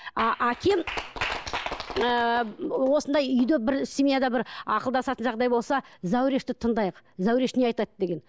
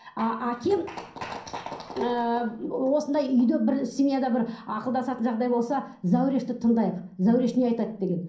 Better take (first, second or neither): first